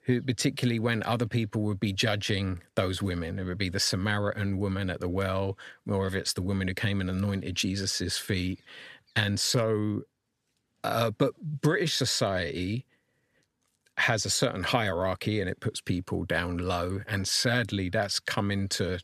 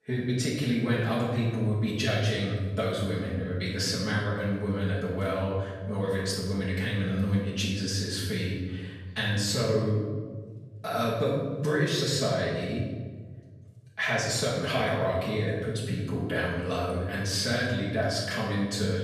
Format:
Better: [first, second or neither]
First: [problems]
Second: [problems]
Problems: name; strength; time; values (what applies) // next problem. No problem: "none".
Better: first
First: none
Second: room echo; noticeable; dies away in 1.5 s // off-mic speech; far